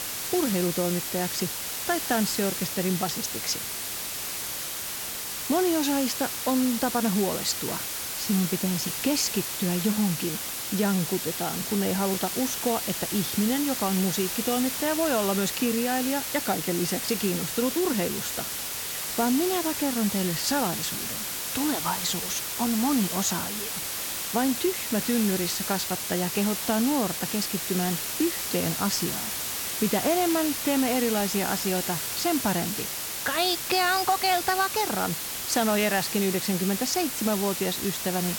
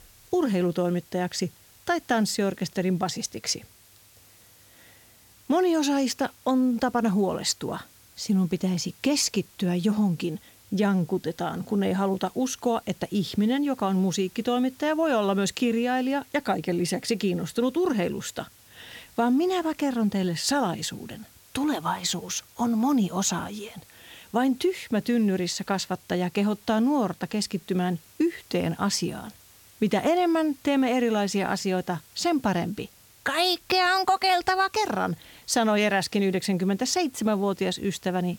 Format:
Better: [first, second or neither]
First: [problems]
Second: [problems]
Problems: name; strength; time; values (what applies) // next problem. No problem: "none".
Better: second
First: hiss; loud; throughout; 2 dB below the speech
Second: hiss; faint; throughout; 25 dB below the speech